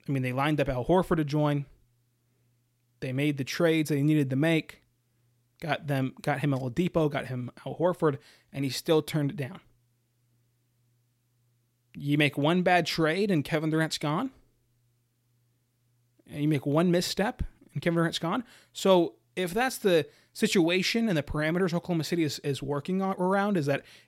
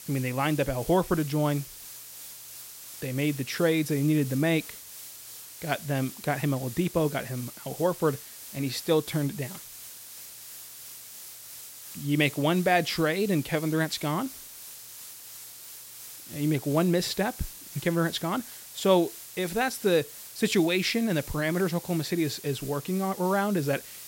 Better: first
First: none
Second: hiss; noticeable; throughout; 15 dB below the speech

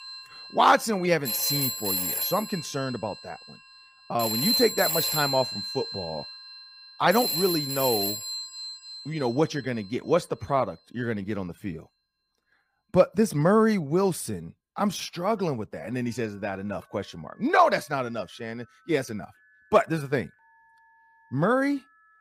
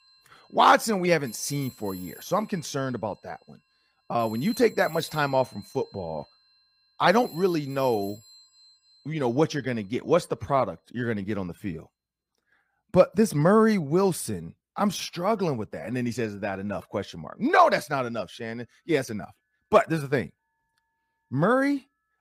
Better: second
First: alarms or sirens; loud; throughout; 1 dB below the speech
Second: alarms or sirens; faint; throughout; 20 dB below the speech

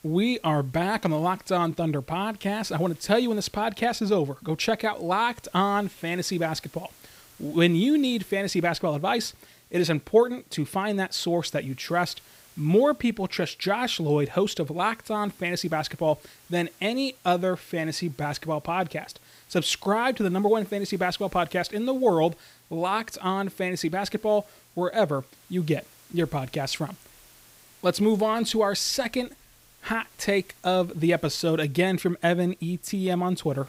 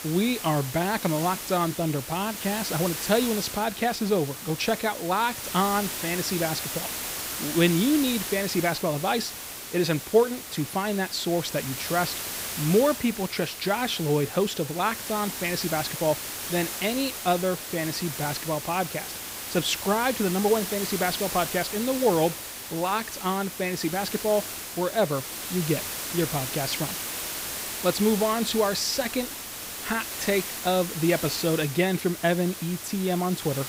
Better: first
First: hiss; faint; throughout; 25 dB below the speech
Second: hiss; loud; throughout; 6 dB below the speech

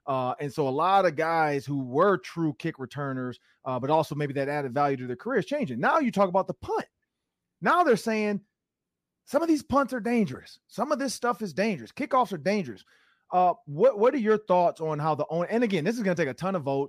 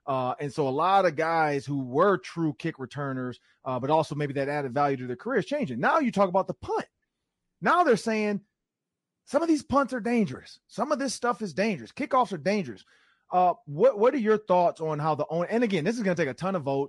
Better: first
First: none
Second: garbled, watery; slightly; nothing above 10.5 kHz

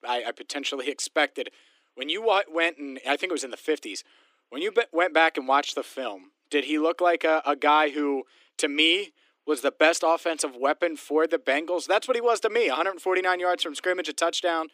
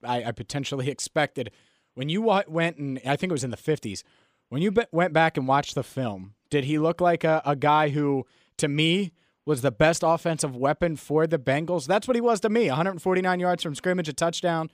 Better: second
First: thin; somewhat; fading below 300 Hz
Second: none

